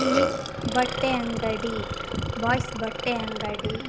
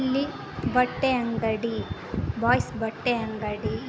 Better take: second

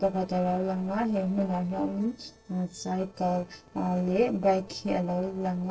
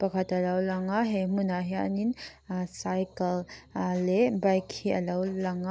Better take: second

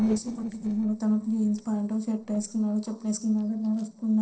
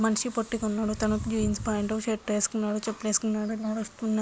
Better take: second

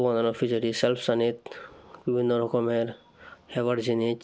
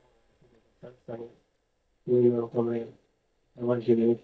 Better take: first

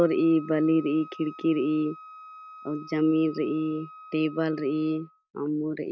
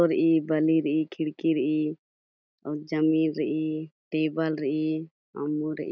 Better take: second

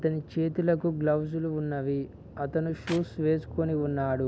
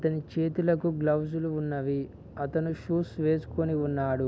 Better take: second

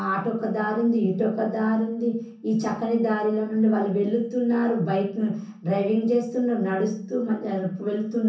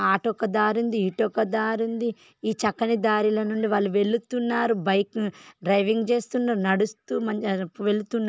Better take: second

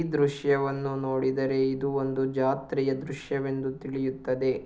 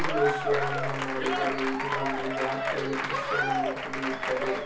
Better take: first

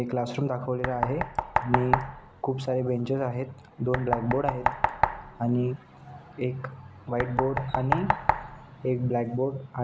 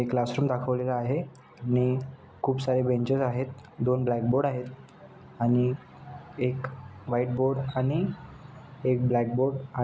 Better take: second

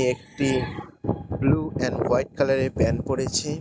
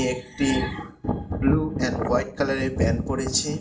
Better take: first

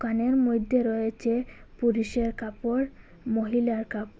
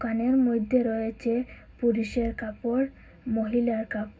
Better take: first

